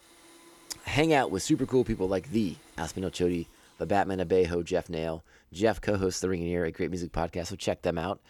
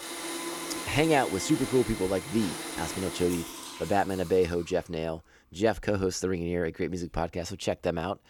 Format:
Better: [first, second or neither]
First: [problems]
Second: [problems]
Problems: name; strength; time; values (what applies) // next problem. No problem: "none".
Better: first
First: household noises; faint; until 4 s; 25 dB below the speech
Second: household noises; loud; until 4 s; 7 dB below the speech